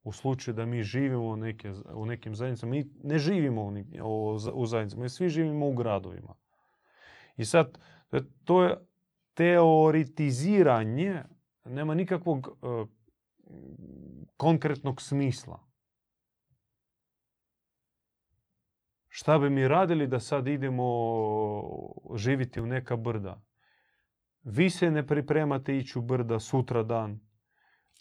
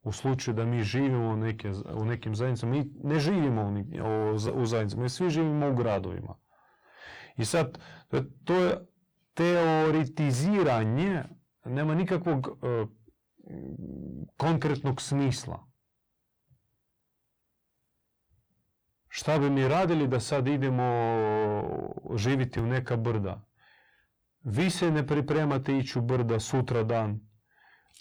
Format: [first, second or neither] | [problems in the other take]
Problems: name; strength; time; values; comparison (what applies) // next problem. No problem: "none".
first | distortion; heavy; 7 dB below the speech